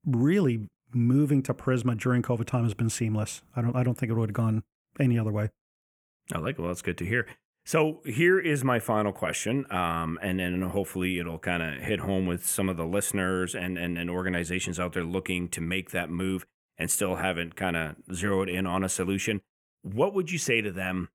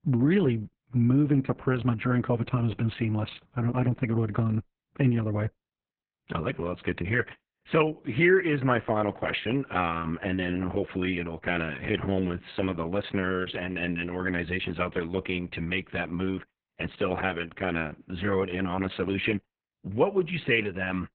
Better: first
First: none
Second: garbled, watery; badly; nothing above 4 kHz

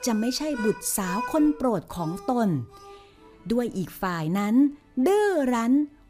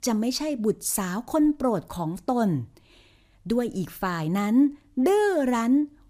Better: second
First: background music; noticeable; throughout; 15 dB below the speech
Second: none

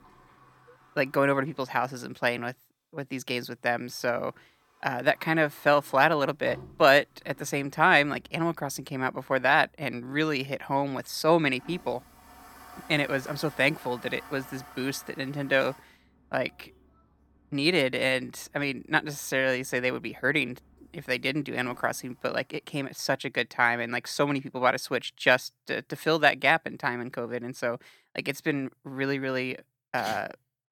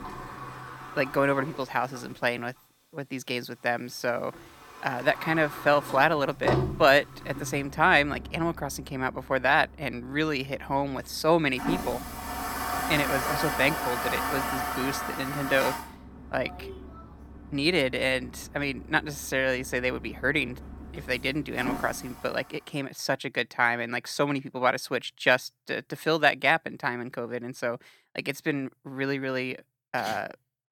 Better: first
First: household noises; faint; until 22 s; 25 dB below the speech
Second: household noises; loud; until 22 s; 6 dB below the speech

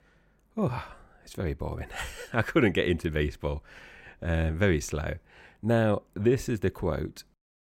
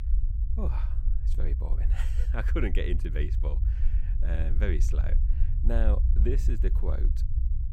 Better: first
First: none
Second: low rumble; loud; throughout; 9 dB below the speech

